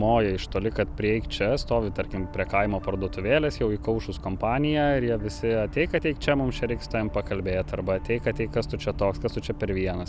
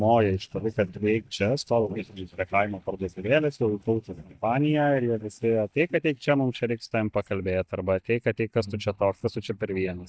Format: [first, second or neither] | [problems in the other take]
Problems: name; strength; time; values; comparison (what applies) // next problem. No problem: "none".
first | noise reduction (neural mask model DeepFilterNet 3)